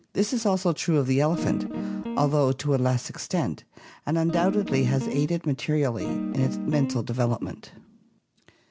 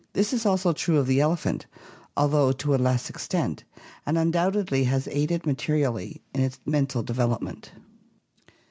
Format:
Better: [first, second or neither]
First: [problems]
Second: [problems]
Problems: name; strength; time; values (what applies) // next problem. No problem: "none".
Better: second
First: background sound (Guitar); 4 dB below the speech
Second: none